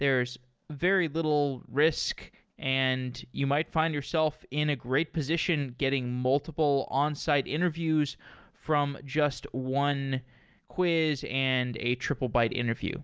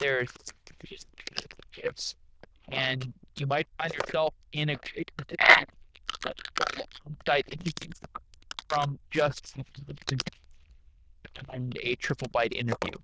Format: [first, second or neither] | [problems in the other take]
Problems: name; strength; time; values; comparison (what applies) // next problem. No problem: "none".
first | noise reduction (neural diffusion model UNIVERSE++)